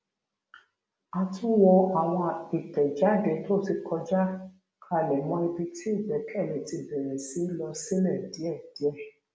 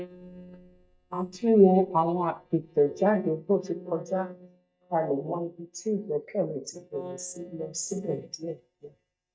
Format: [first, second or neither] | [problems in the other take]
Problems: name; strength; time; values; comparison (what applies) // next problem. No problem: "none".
first | noise reduction (neural mask model DeepFilterNet 3)